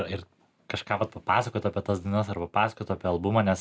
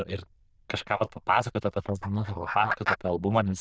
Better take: first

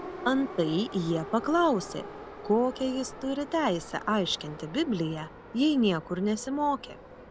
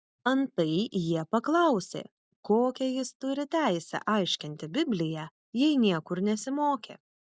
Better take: second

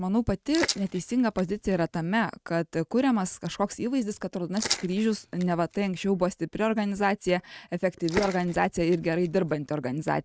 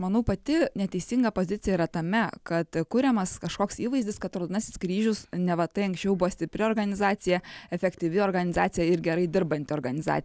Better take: second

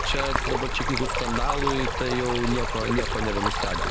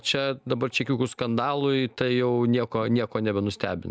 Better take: second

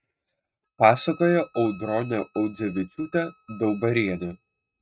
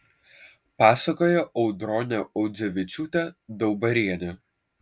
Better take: second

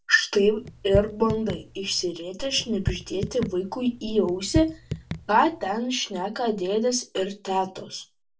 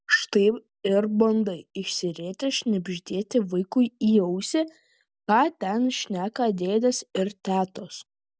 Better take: second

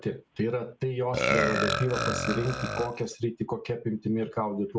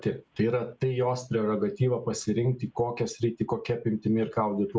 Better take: second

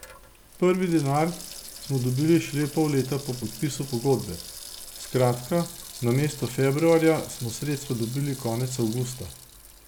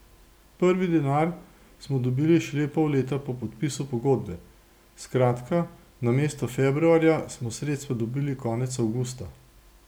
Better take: second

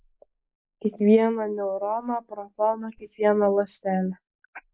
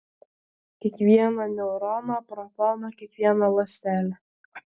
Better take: second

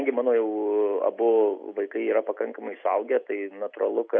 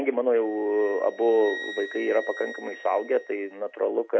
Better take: first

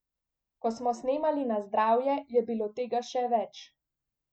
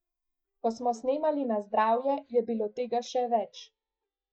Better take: first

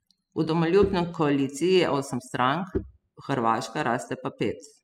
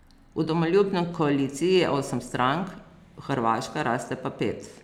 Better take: second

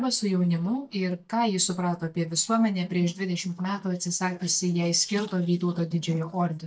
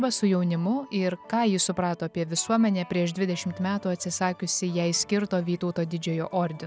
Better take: second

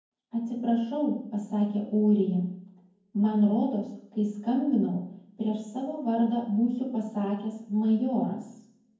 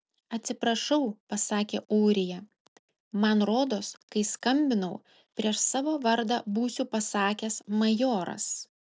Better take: second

